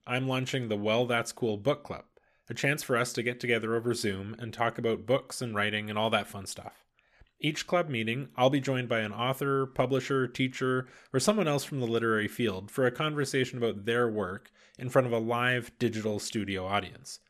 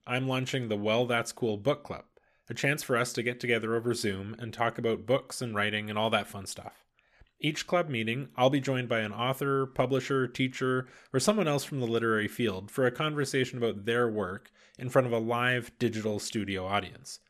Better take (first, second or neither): neither